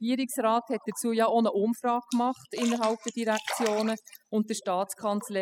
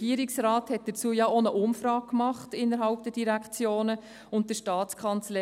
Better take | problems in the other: second | noise reduction (classical method spectral subtraction)

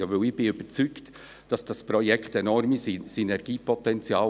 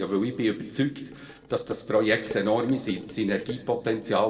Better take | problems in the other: first | noise reduction (neural separator model SepFormer DNS4)

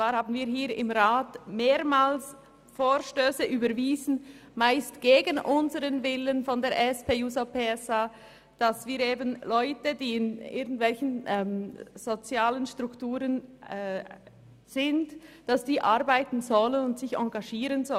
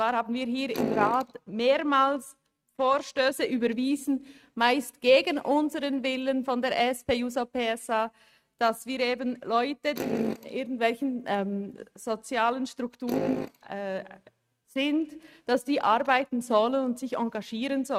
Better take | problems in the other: first | noise reduction (neural mask model RNNoise)

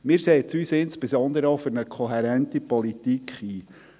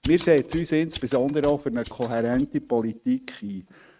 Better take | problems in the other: first | noise reduction (neural mask model RNNoise)

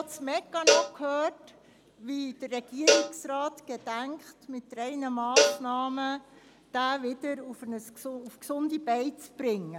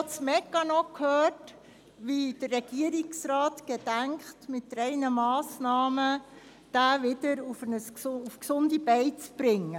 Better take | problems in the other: second | background sound (Cowbell); 3 dB above the speech

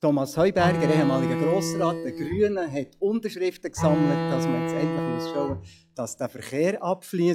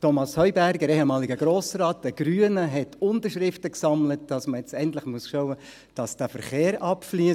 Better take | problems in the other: second | noise reduction (classical method log-MMSE)

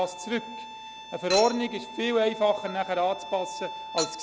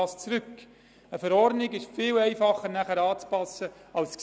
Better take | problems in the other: second | background sound (Bowed string instrument + Chink, clink); 9 dB below the speech

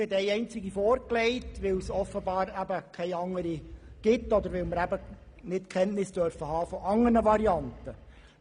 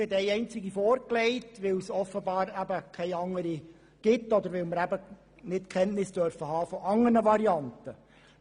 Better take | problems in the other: second | background sound (Animal); 16 dB below the speech

